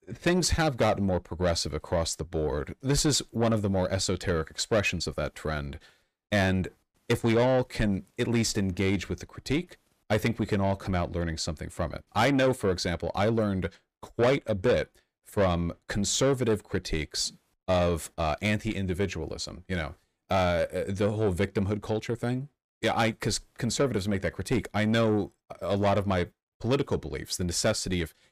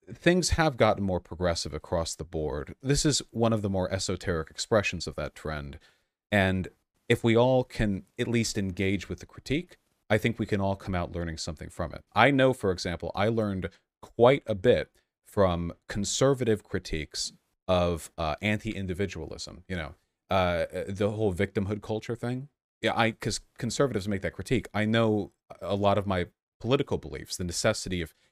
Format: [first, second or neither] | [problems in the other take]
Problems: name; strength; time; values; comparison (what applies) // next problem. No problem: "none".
second | distortion; slight; 10 dB below the speech